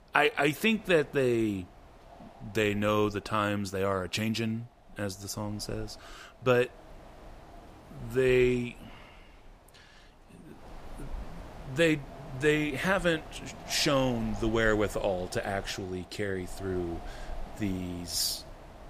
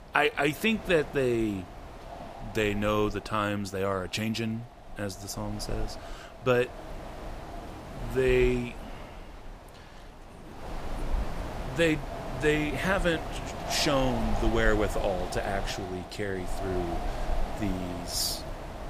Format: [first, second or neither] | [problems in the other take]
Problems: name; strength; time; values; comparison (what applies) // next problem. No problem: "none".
first | wind noise on the microphone; heavy; 10 dB below the speech; occasional gusts in the first